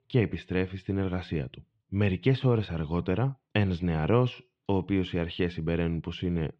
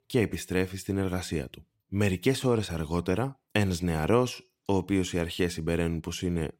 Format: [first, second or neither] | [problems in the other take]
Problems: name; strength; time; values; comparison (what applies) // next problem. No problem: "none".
second | muffled; slightly; fading above 3.5 kHz